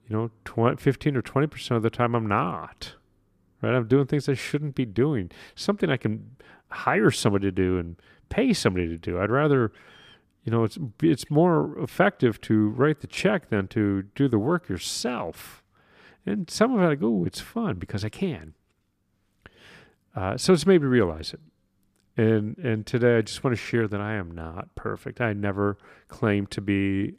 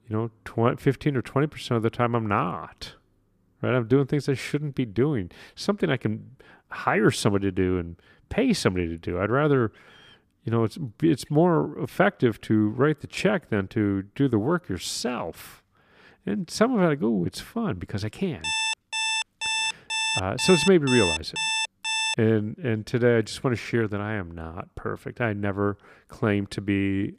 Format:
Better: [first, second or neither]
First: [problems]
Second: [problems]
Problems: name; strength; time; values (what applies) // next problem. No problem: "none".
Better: first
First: none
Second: alarm; loud; from 18 to 22 s; peak 1 dB above the speech